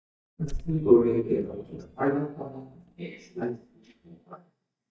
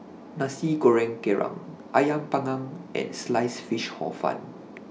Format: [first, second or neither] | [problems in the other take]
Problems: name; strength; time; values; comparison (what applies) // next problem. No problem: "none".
second | noise reduction (neural mask model DeepFilterNet 3)